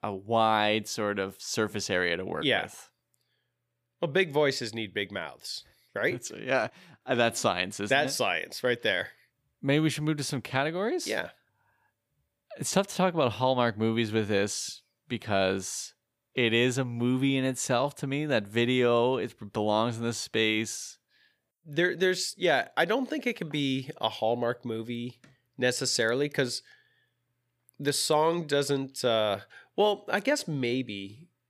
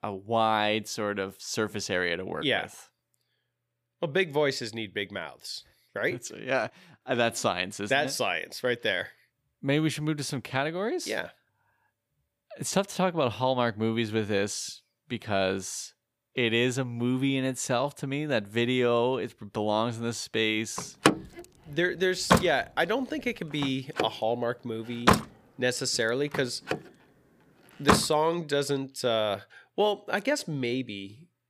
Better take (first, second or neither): first